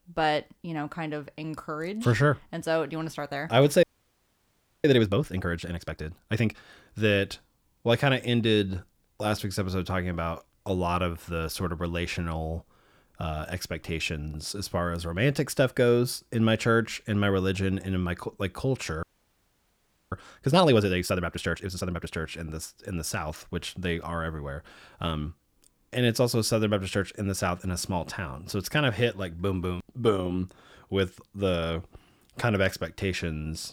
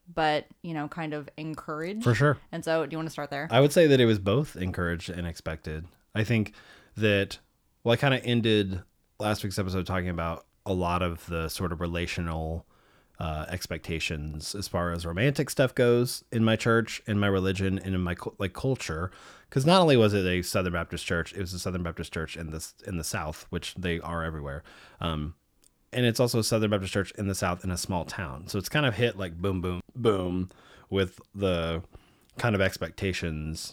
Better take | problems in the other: second | audio freezing; at 4 s for 1 s and at 19 s for 1 s

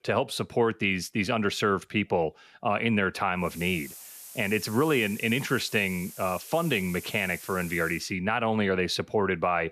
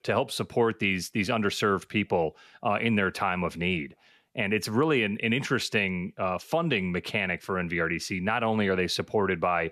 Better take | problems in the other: second | hiss; noticeable; from 3.5 to 8 s; 15 dB below the speech

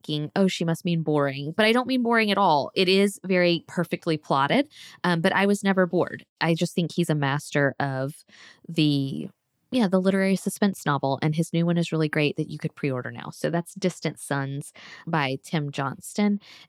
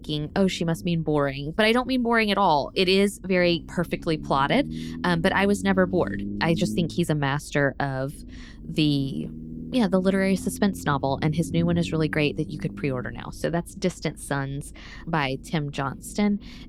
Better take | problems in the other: first | low rumble; noticeable; throughout; 20 dB below the speech

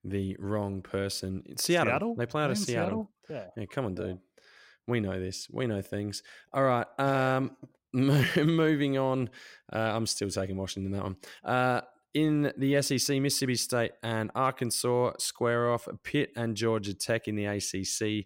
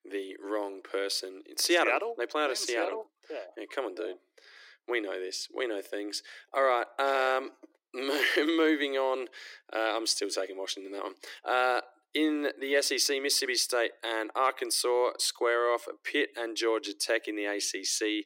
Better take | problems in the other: first | thin; very; fading below 300 Hz

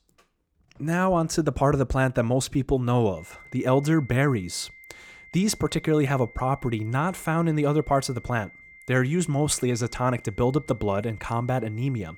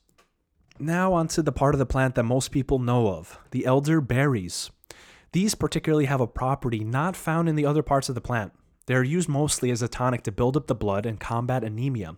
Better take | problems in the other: second | high-pitched whine; faint; from 3 s on; 2 kHz, 20 dB below the speech

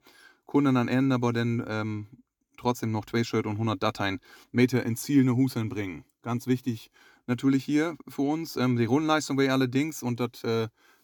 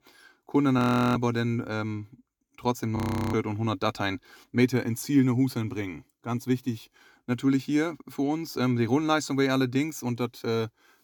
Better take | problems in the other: first | audio freezing; at 1 s and at 3 s

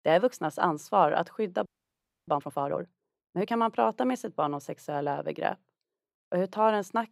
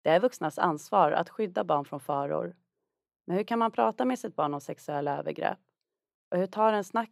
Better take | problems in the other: second | audio freezing; at 1.5 s for 0.5 s

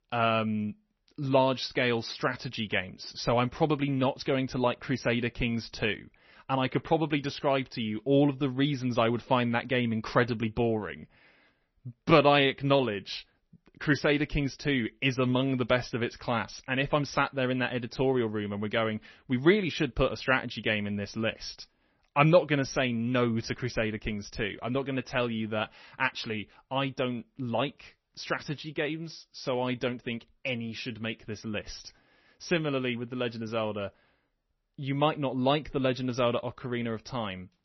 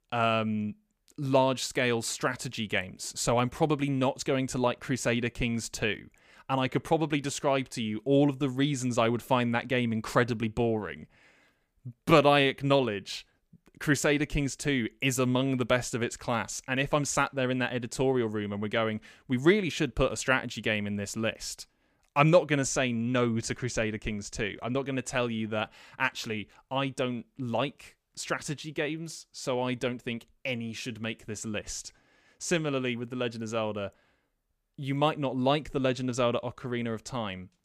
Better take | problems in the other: second | garbled, watery; slightly; nothing above 6 kHz

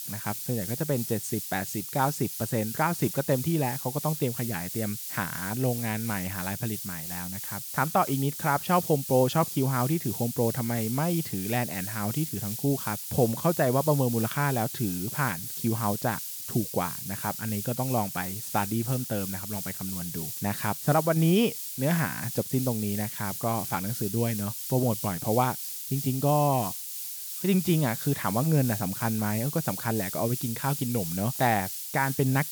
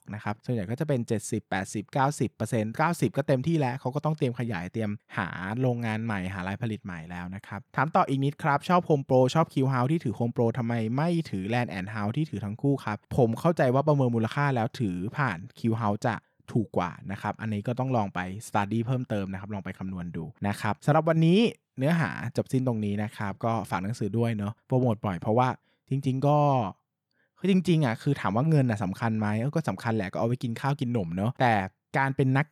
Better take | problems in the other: second | hiss; loud; throughout; 5 dB below the speech

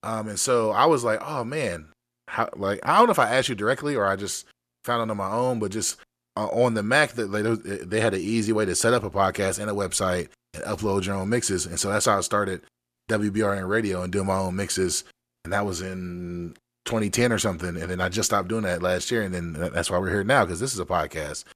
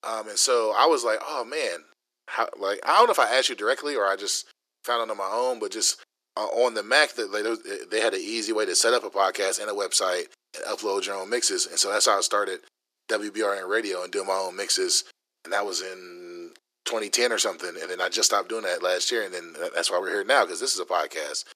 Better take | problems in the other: first | thin; very; fading below 350 Hz

